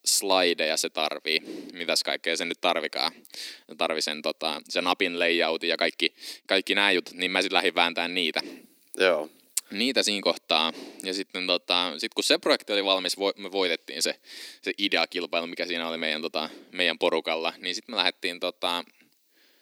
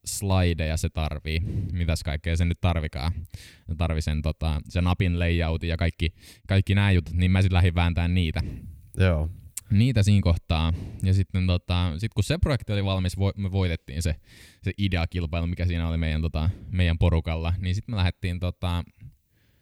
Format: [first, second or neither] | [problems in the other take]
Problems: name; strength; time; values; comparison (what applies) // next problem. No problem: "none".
second | thin; very; fading below 300 Hz